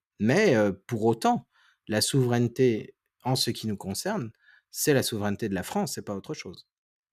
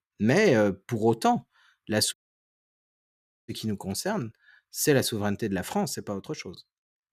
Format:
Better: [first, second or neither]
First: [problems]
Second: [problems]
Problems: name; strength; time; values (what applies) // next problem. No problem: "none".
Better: first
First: none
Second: audio cutting out; at 2 s for 1.5 s